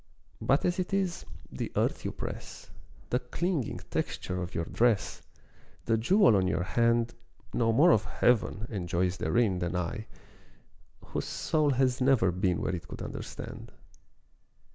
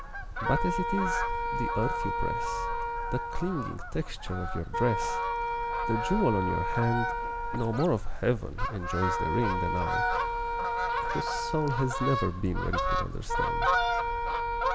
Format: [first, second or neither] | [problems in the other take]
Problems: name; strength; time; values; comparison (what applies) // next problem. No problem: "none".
first | background sound (Wind instrument, woodwind instrument + Fowl); 1 dB above the speech